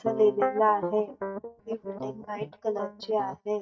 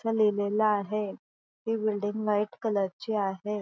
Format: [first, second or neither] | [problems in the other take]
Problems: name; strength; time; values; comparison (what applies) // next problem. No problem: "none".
second | noise reduction (neural mask model DeepFilterNet 3)